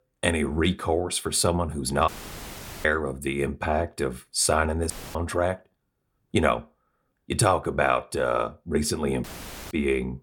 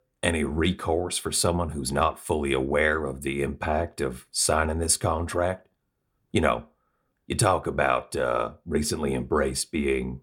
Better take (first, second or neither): second